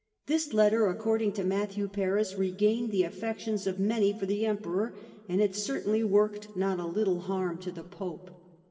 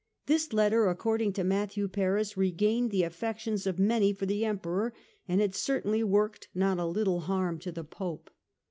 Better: second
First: room echo; dies away in 1.5 s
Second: none

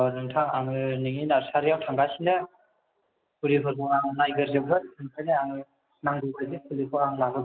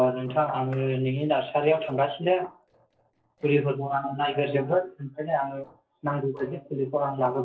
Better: first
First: none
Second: noise reduction (neural separator model SepFormer DNS4)

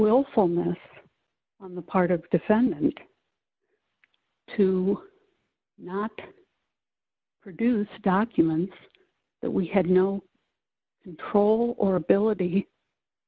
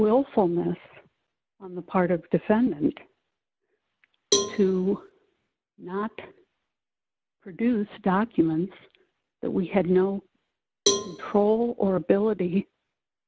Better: first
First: none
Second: background sound (Cowbell); 5 dB below the speech

